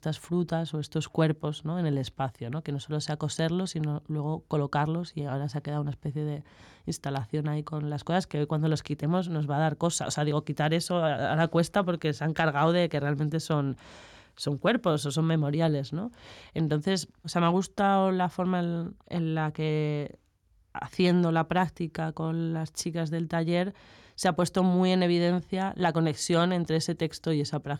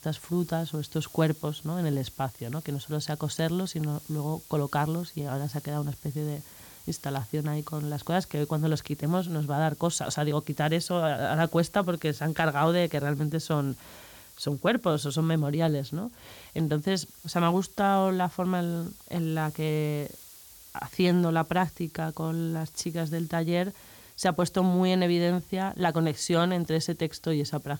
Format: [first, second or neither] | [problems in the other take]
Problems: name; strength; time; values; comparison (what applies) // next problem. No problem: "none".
first | hiss; noticeable; throughout; 20 dB below the speech